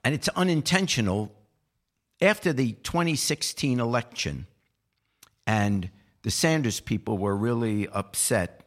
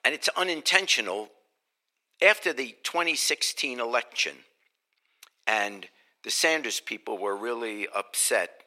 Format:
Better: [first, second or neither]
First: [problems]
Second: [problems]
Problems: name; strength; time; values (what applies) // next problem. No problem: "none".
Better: first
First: none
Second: thin; very; fading below 400 Hz